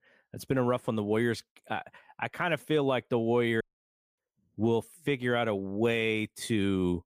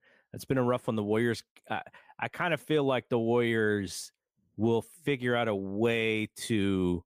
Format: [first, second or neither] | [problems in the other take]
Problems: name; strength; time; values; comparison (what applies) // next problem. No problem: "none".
second | audio cutting out; at 3.5 s for 0.5 s